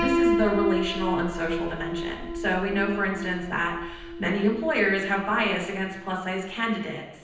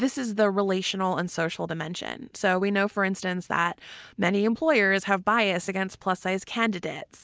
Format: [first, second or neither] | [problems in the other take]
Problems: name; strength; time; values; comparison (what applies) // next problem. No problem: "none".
second | background sound (Piano); 4 dB below the speech // room echo; dies away in 0.9 s